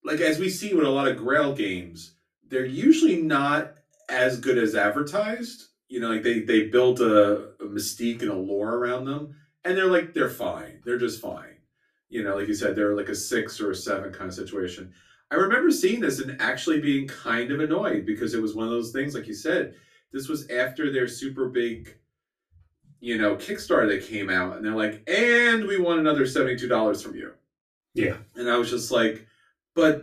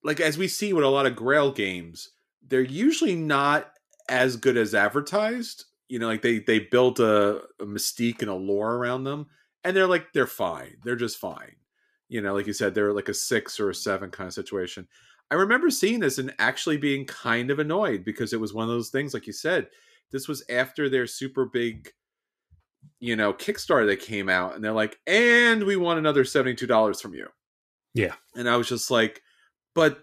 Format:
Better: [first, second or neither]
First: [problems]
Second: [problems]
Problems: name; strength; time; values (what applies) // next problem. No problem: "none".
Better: second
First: off-mic speech; far // room echo; very slight; dies away in 0.2 s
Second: none